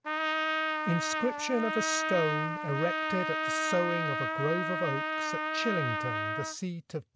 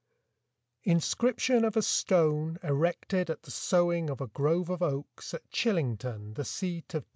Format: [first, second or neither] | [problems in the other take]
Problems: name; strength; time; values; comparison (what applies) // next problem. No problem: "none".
second | background sound (Trumpet); 1 dB above the speech